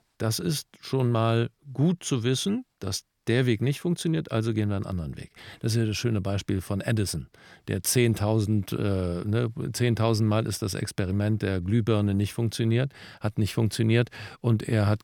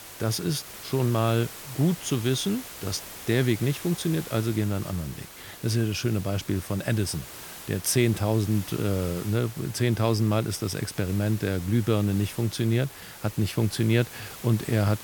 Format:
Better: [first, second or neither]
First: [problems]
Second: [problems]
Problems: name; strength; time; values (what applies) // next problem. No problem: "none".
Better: first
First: none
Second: hiss; noticeable; throughout; 15 dB below the speech